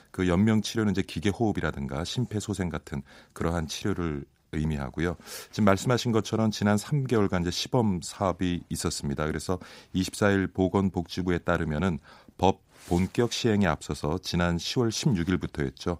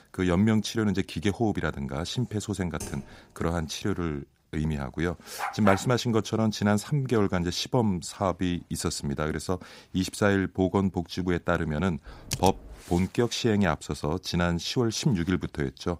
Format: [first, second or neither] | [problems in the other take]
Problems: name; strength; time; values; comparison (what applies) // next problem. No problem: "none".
first | keyboard typing; faint; at 3 s; peak 10 dB below the speech // dog barking; noticeable; at 5.5 s; peak 4 dB below the speech // keyboard typing; noticeable; at 12 s; peak 6 dB below the speech